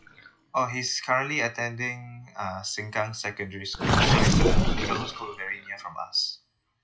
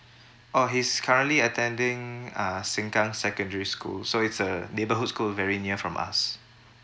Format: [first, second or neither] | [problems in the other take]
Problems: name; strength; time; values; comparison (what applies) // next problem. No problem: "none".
second | noise reduction (classical method WPE with log-MMSE)